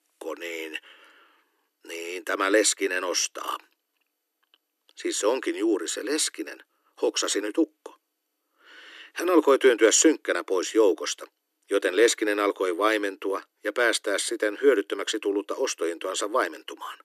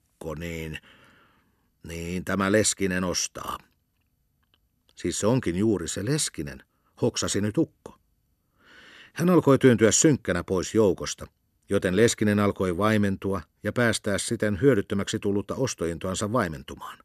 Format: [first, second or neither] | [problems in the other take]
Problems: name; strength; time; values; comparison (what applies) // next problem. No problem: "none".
second | thin; very; fading below 300 Hz